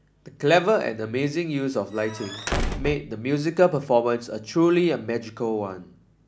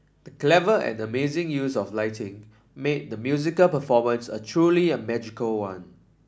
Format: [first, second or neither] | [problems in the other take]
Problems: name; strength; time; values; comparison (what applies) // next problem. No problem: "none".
second | background sound (Squeak / Slam / Wood); 5 dB below the speech